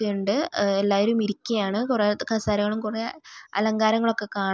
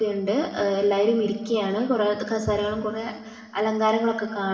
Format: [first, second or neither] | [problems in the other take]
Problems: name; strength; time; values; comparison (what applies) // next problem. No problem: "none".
first | room echo; dies away in 1.9 s